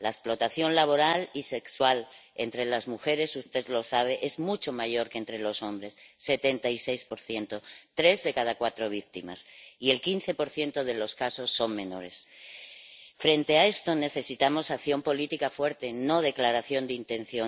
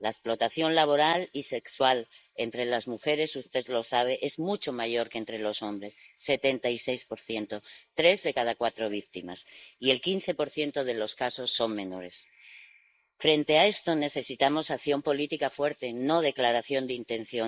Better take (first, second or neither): first